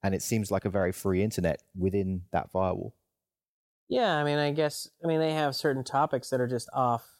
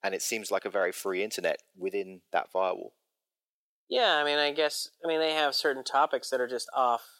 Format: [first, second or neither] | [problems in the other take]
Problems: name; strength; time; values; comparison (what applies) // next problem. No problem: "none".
first | thin; very; fading below 400 Hz